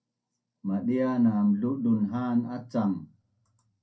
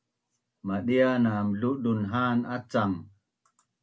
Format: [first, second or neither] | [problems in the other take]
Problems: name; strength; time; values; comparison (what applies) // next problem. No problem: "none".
second | room echo; dies away in 0.2 s